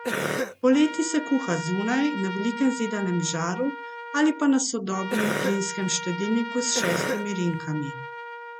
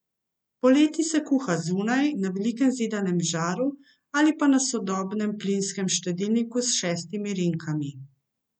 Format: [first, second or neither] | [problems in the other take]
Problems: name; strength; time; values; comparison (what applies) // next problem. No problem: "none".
second | background sound (Cough + Trumpet); 7 dB below the speech